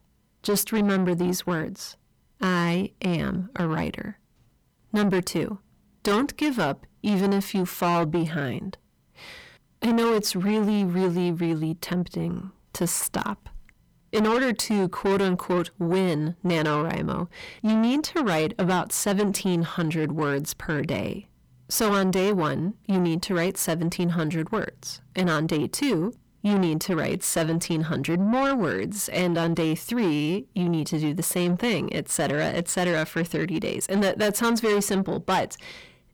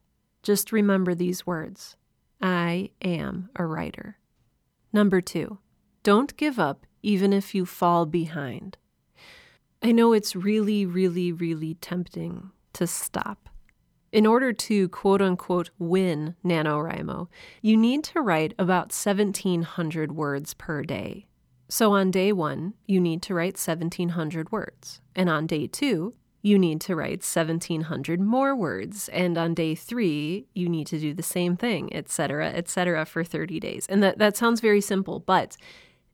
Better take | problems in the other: second | distortion; heavy; 8 dB below the speech

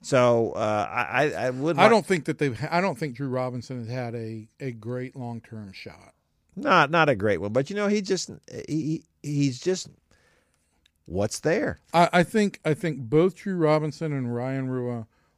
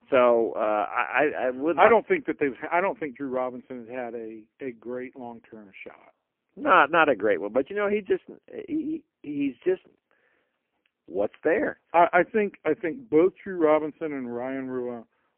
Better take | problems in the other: first | phone-call audio; poor line; nothing above 3 kHz

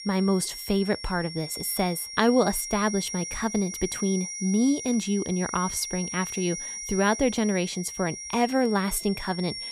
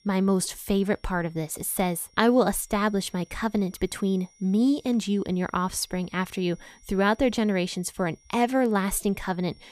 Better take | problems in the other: second | high-pitched whine; loud; throughout; 5.5 kHz, 8 dB below the speech; faint in the second

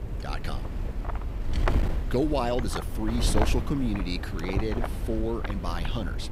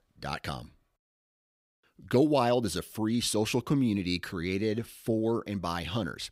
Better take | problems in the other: second | wind noise on the microphone; heavy; 5 dB below the speech

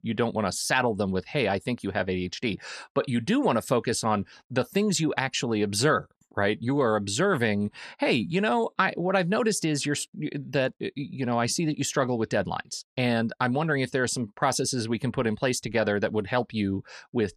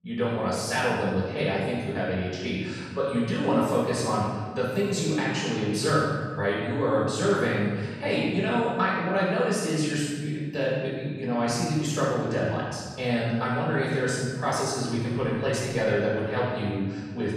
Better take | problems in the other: first | room echo; strong; dies away in 1.6 s // off-mic speech; far

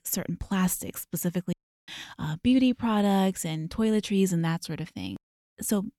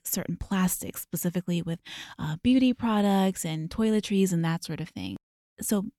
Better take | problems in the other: second | audio cutting out; at 1.5 s

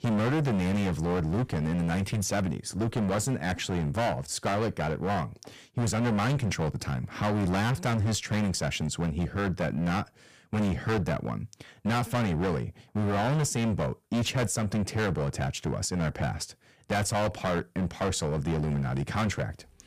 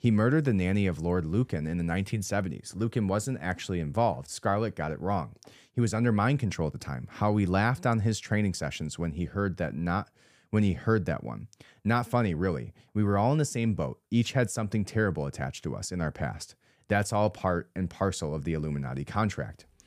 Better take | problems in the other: second | distortion; heavy; 21% of the sound clipped

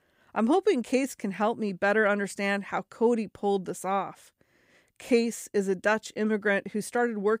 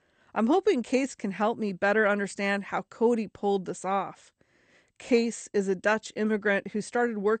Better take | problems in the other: first | garbled, watery; slightly; nothing above 8.5 kHz

